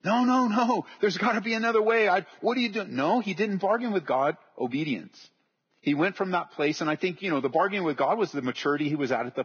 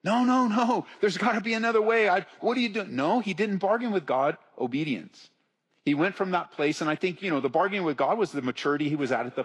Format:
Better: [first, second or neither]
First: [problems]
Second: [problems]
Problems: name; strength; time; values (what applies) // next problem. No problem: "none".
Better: second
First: garbled, watery; badly; nothing above 6.5 kHz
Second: garbled, watery; slightly